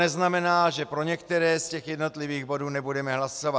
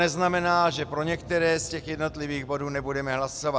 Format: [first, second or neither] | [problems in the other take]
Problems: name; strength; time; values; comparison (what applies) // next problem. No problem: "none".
first | background sound (Sliding door); 17 dB below the speech